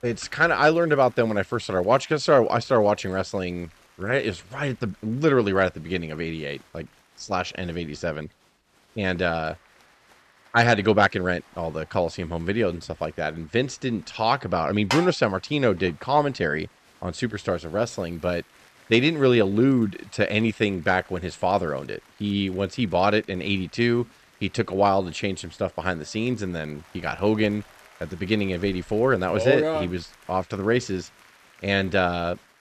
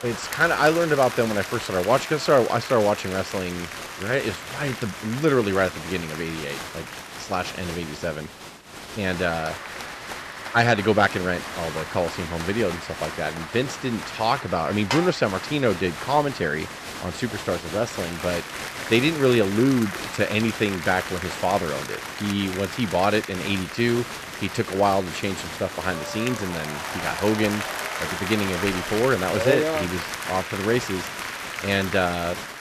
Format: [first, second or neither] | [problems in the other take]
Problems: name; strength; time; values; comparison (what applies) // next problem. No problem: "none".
first | crowd noise; loud; throughout; 8 dB below the speech; faint in the first